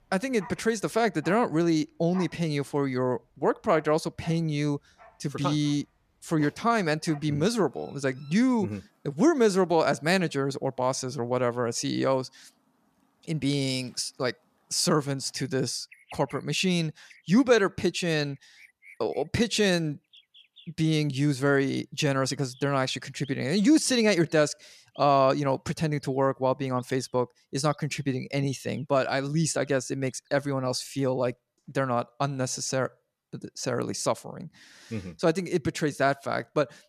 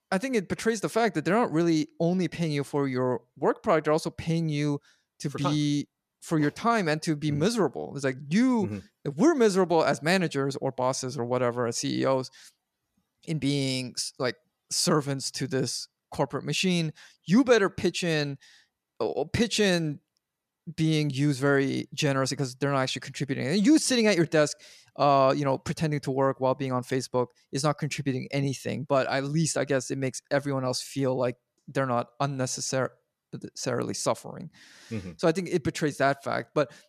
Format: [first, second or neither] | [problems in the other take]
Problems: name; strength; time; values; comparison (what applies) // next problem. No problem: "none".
second | animal sounds; faint; throughout; 25 dB below the speech